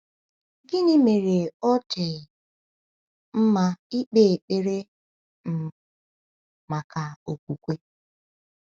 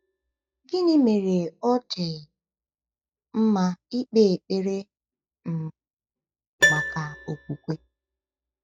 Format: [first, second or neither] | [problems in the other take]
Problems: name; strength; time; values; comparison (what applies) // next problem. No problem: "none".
first | noise reduction (classical method log-MMSE)